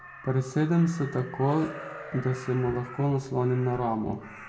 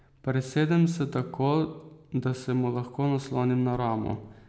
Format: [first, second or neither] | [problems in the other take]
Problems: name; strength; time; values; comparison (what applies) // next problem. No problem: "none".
second | background sound (Crow); 16 dB below the speech // room echo; dies away in 0.1 s